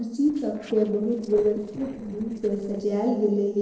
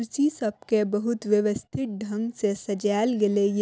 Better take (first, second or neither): second